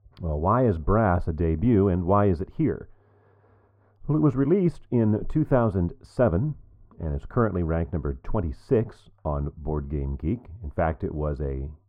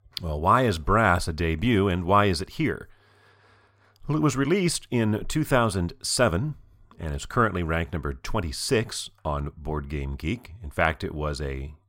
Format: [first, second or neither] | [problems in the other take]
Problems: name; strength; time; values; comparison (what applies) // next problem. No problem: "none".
second | muffled; very; fading above 2 kHz